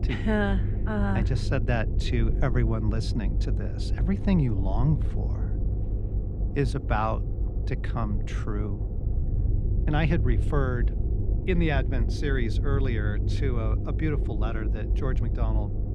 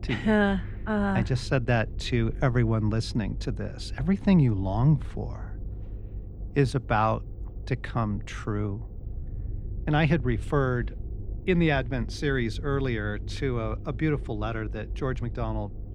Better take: second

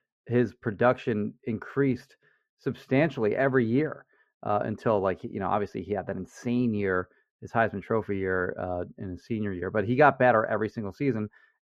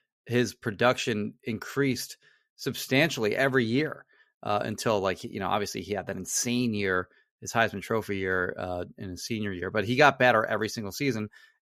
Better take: second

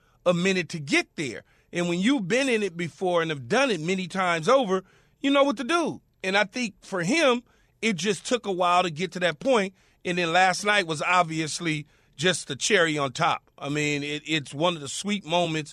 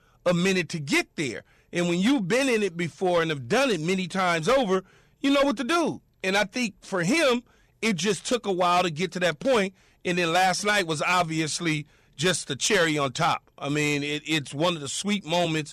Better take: first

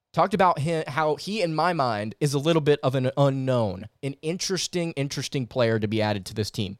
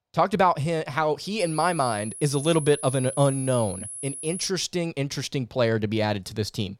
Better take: first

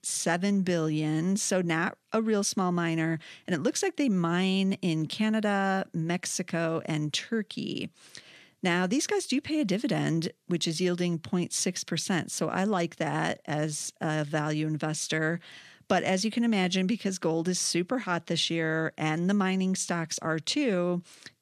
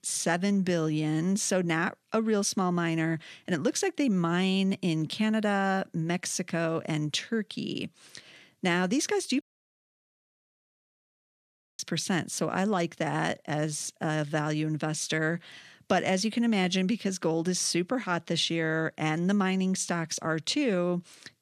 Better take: first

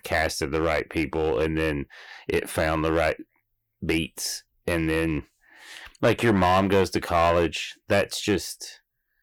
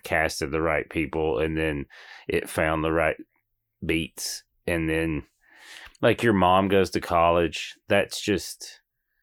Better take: second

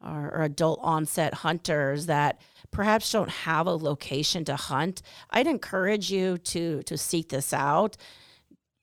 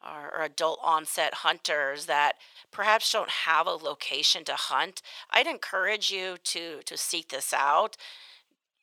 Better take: first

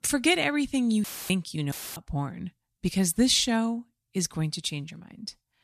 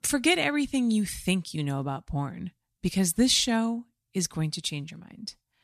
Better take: second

